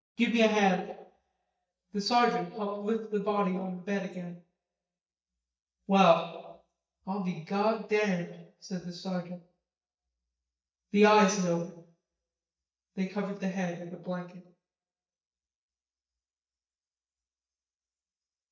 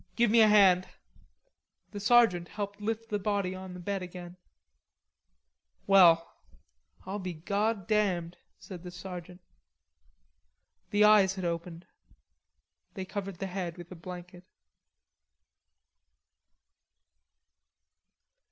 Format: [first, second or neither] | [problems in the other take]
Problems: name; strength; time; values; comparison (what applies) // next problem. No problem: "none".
second | noise reduction (neural mask model DeepFilterNet 3)